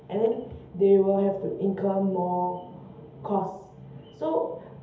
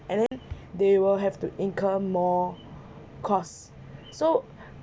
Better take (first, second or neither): second